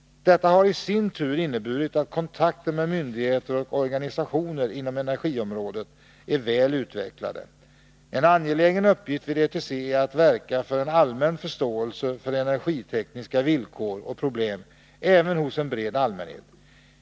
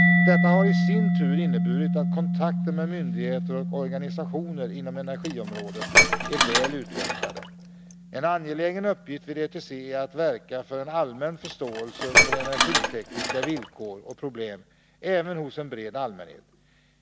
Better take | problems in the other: first | background sound (Dishes, pots, and pans + Mallet percussion); 5 dB above the speech

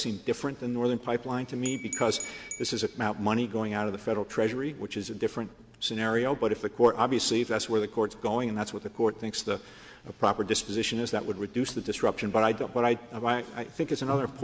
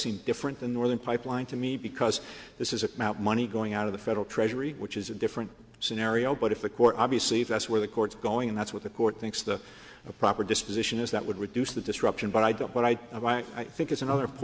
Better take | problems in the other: second | background sound (Glass / Bell); 12 dB below the speech

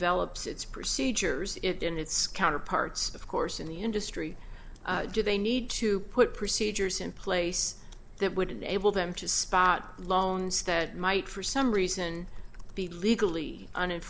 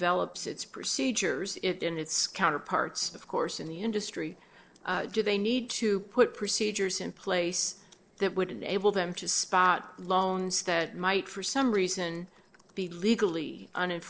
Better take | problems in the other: first | noise reduction (neural separator model SepFormer DNS4)

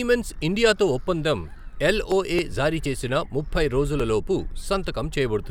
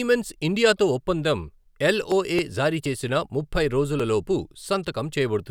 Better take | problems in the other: second | background sound (Gull, seagull); 9 dB below the speech

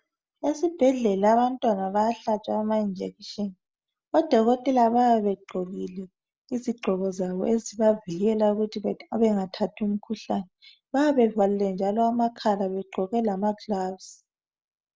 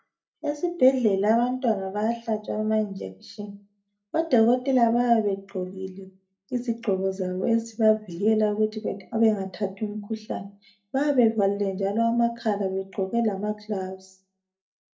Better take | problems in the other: first | room echo; dies away in 0.3 s

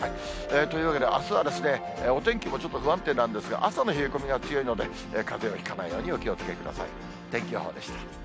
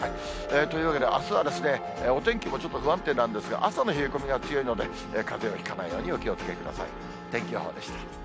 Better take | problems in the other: first | background sound (Wind instrument, woodwind instrument + Wind instrument, woodwind instrument); 17 dB below the speech

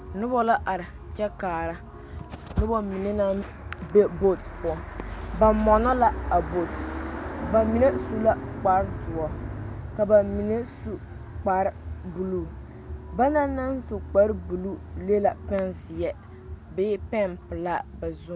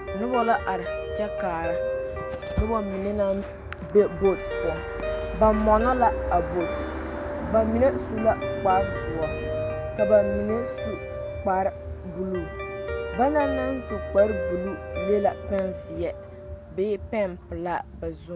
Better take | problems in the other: first | background sound (Guitar); 7 dB below the speech

